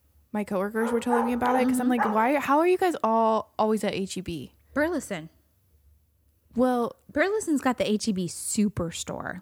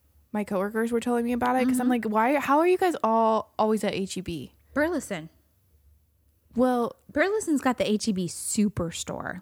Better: second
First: dog barking; noticeable; from 1 to 2 s; peak 3 dB below the speech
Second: none

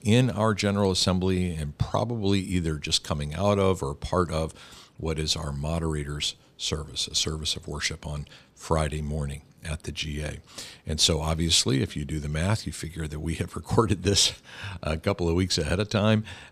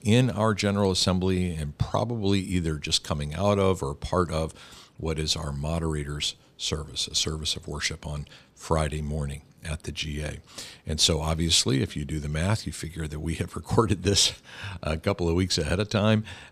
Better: neither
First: none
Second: none

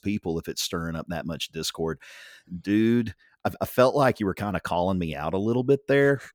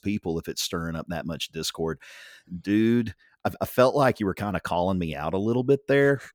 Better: neither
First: none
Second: none

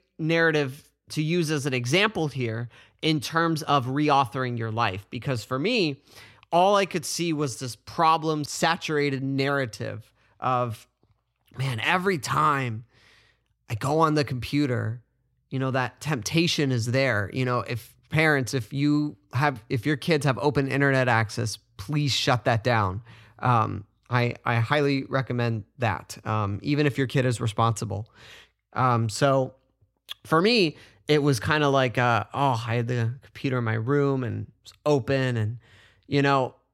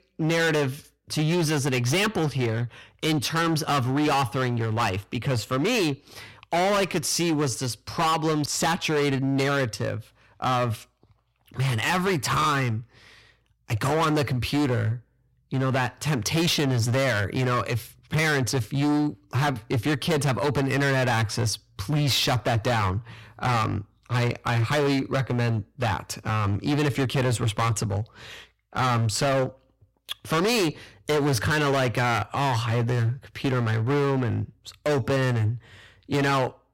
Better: first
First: none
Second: distortion; heavy; 21% of the sound clipped

